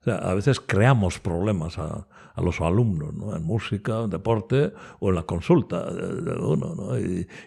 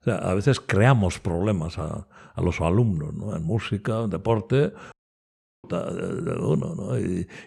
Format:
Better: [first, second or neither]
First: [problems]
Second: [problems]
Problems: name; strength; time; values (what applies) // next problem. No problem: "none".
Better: first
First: none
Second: audio cutting out; at 5 s for 0.5 s